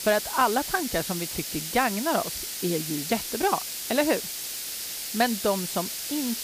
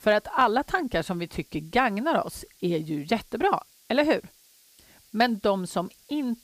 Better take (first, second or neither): second